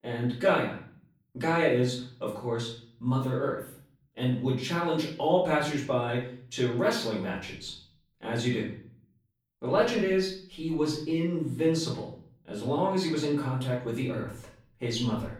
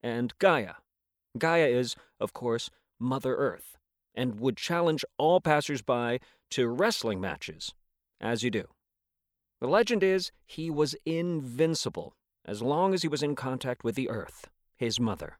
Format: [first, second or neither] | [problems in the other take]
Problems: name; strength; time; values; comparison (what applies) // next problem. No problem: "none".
second | off-mic speech; far // room echo; noticeable; dies away in 0.5 s